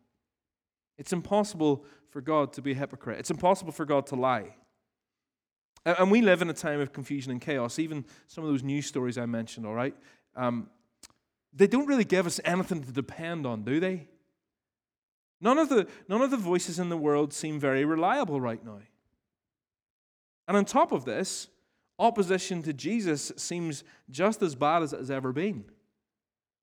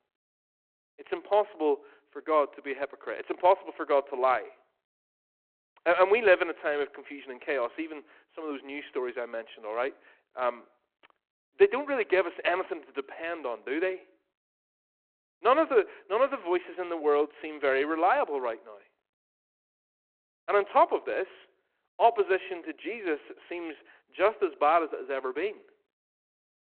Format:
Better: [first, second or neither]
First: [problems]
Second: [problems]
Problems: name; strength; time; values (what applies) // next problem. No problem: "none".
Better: first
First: none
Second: phone-call audio